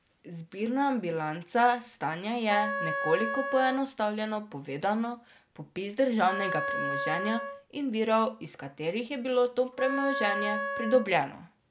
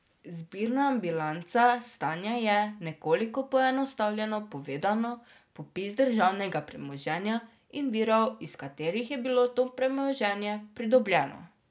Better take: second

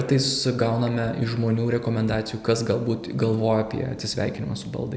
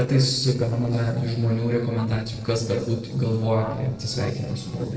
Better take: first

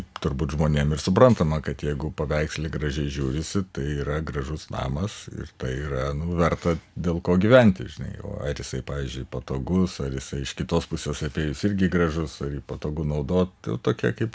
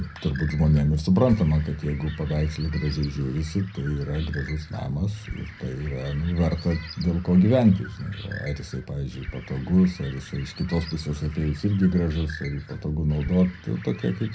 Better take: first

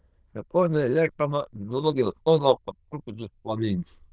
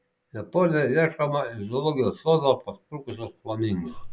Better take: second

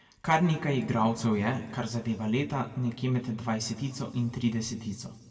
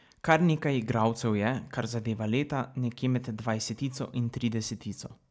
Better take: second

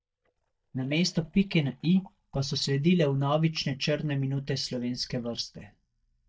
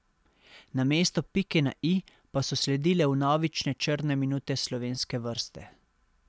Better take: second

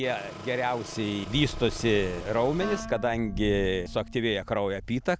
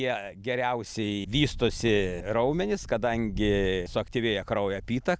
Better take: second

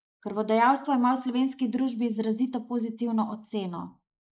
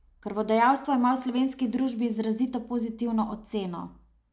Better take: second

